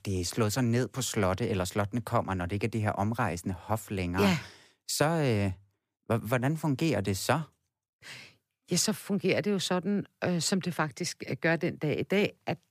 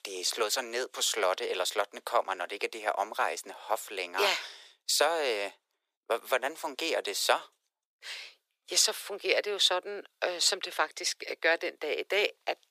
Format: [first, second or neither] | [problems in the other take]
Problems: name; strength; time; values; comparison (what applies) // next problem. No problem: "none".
first | thin; very; fading below 450 Hz